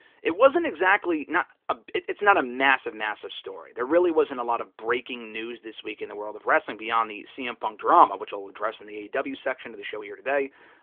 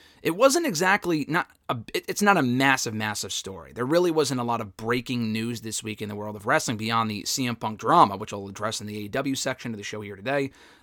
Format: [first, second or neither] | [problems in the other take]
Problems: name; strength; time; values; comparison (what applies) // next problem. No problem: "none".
second | phone-call audio